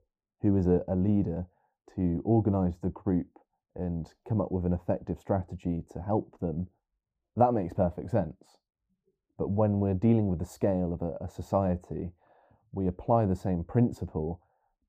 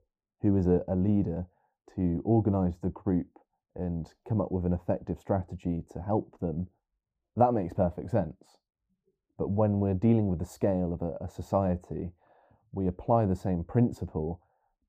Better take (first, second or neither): neither